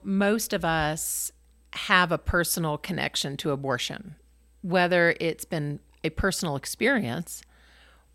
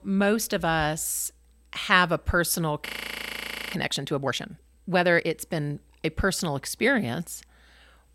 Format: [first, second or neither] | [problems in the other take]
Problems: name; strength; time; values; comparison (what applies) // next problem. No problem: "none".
first | audio freezing; at 3 s for 1 s